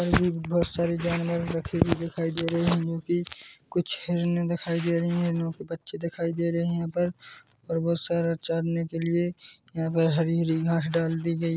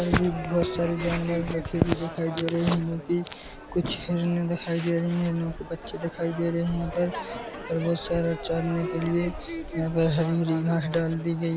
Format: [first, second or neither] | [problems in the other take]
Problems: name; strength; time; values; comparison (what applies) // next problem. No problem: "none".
first | background sound (Crowd / Fireworks); 10 dB below the speech